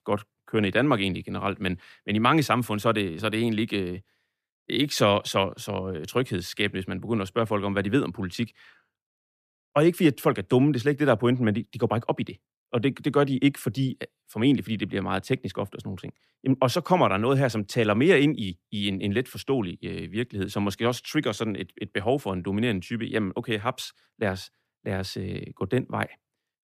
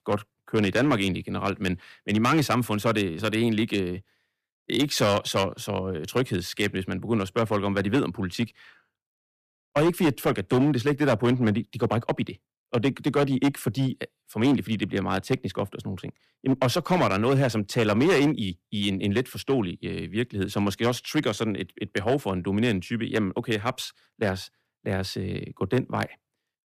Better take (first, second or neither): first